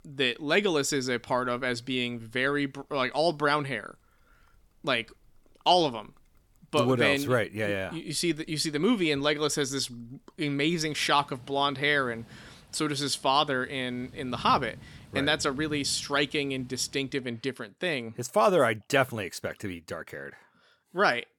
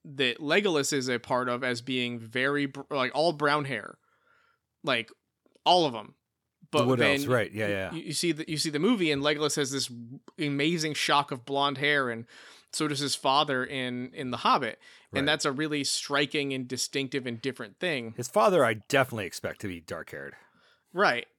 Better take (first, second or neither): second